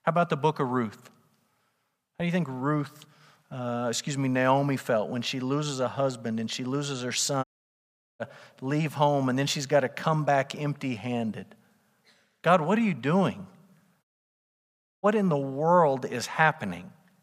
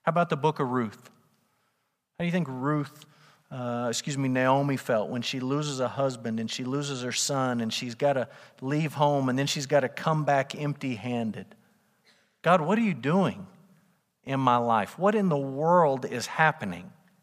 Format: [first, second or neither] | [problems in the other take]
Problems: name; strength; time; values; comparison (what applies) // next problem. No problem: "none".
second | audio cutting out; at 7.5 s for 0.5 s and at 14 s for 1 s